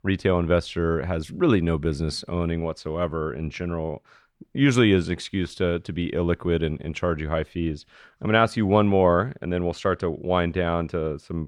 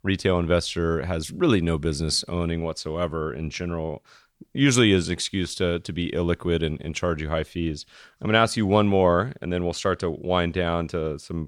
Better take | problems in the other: second | muffled; slightly; fading above 3.5 kHz

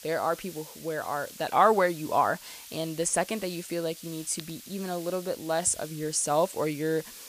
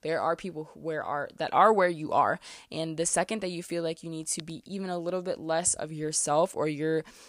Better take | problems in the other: second | hiss; noticeable; throughout; 15 dB below the speech

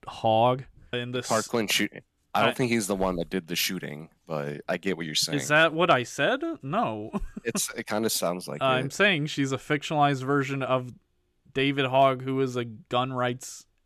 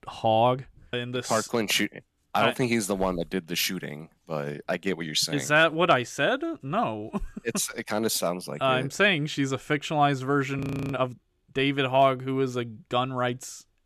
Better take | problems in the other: first | audio freezing; at 11 s

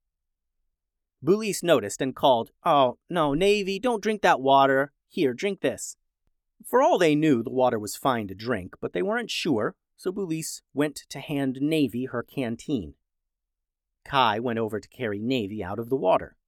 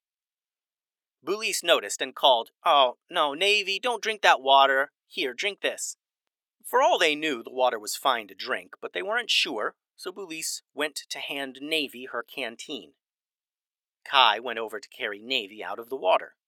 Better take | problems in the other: first | thin; somewhat; fading below 600 Hz

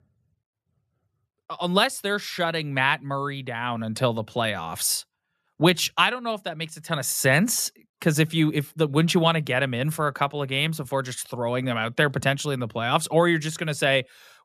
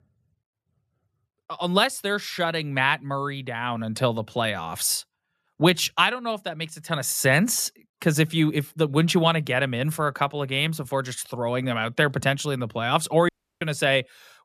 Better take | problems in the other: first | audio cutting out; at 13 s

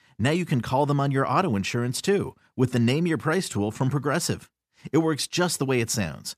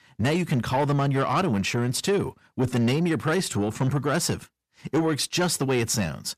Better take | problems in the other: first | distortion; slight; 10 dB below the speech

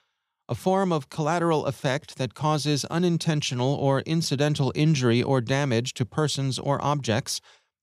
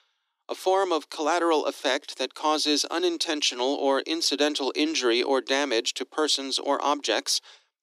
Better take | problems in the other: first | thin; somewhat; fading below 300 Hz

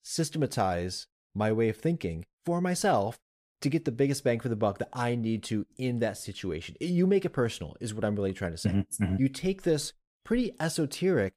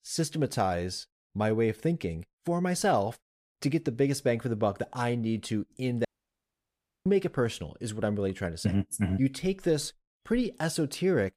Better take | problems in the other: first | audio cutting out; at 6 s for 1 s

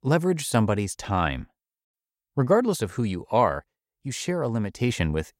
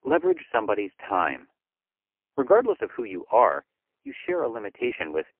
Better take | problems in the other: first | phone-call audio; poor line; nothing above 3 kHz

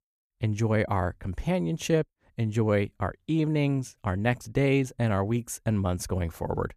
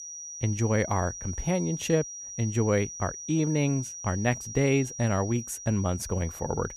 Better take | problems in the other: first | high-pitched whine; loud; throughout; 6 kHz, 9 dB below the speech

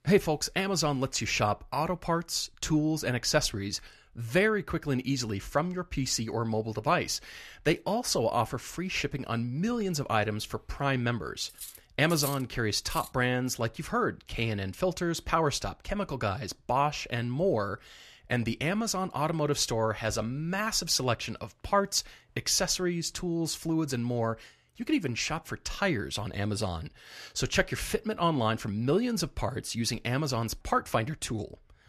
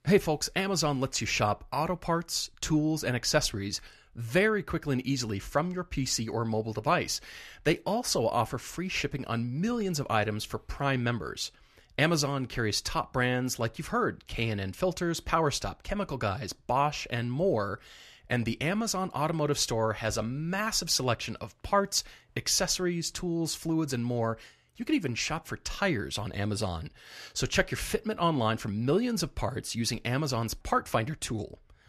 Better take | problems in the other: second | clattering dishes; noticeable; from 11 to 13 s; peak 6 dB below the speech

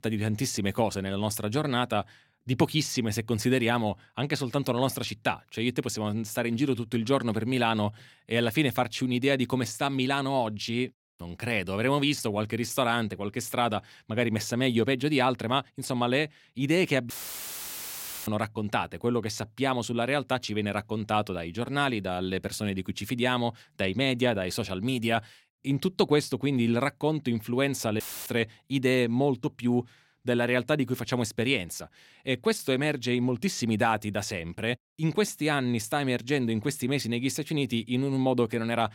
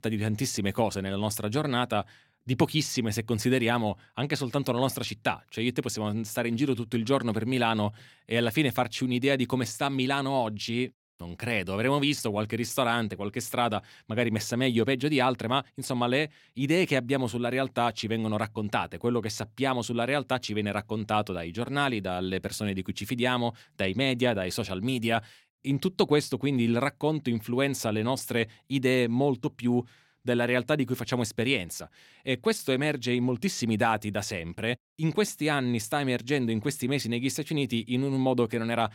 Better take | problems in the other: second | audio cutting out; filled with static; at 17 s for 1 s and at 28 s

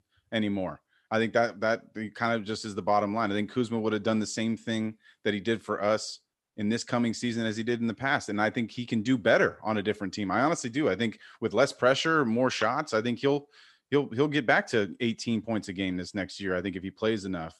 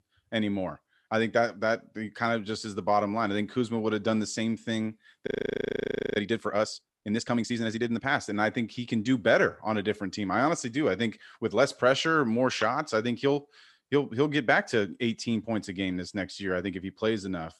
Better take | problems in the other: first | audio freezing; at 5.5 s for 1 s

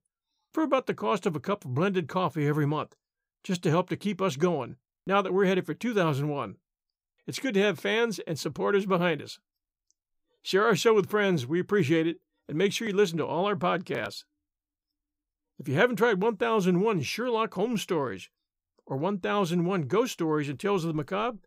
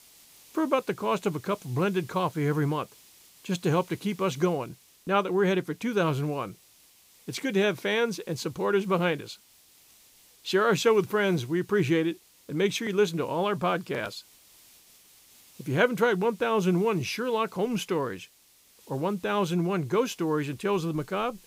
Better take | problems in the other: first | hiss; faint; throughout; 25 dB below the speech

